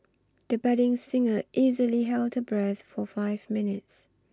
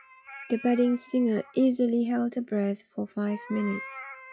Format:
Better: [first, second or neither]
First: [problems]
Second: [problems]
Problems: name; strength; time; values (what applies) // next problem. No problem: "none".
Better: first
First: none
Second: noise reduction (classical method log-MMSE)